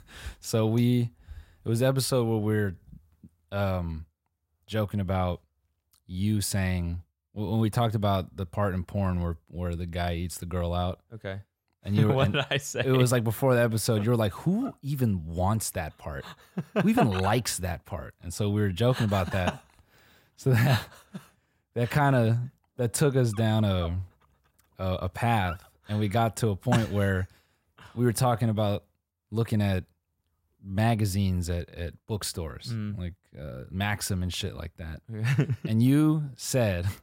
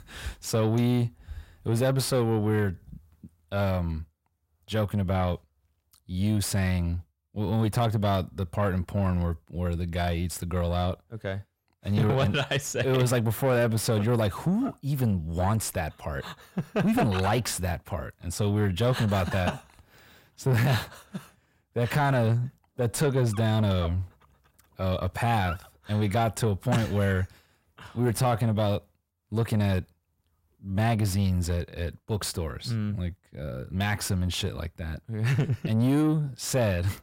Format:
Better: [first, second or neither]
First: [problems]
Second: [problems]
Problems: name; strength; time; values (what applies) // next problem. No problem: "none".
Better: first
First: none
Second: distortion; slight; 10 dB below the speech